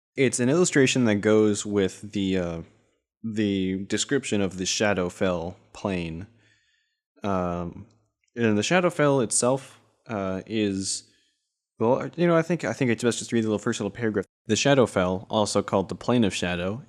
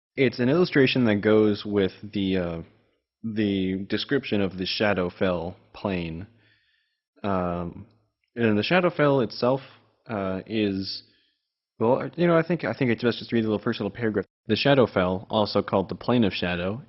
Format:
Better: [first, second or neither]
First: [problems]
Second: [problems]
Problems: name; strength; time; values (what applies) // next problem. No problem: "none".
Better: first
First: none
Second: garbled, watery; badly; nothing above 5.5 kHz